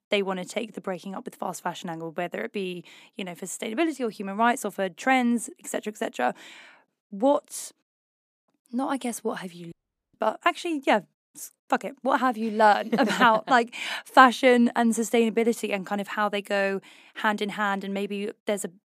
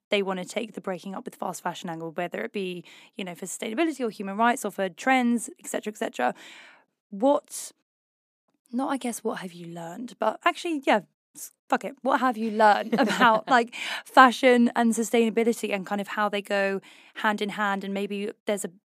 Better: second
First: audio cutting out; at 9.5 s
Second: none

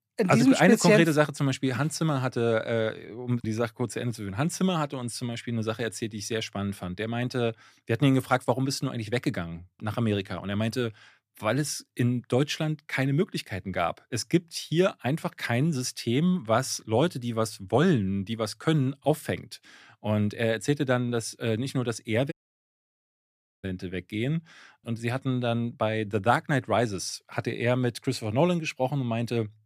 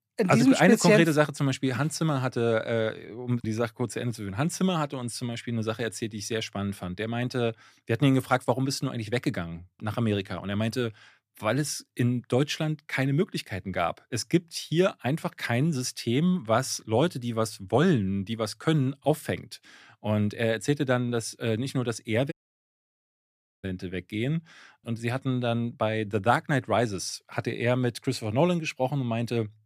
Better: neither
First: audio cutting out; at 22 s for 1.5 s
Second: audio cutting out; at 22 s for 1.5 s

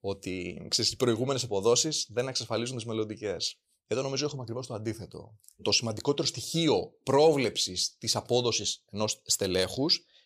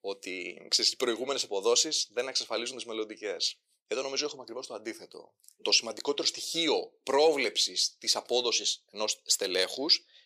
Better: first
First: none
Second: thin; somewhat; fading below 300 Hz

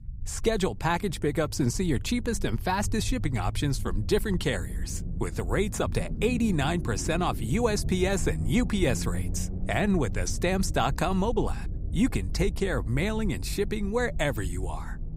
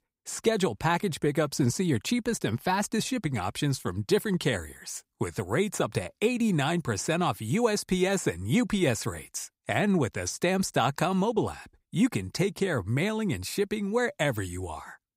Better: second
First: low rumble; noticeable; throughout; 15 dB below the speech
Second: none

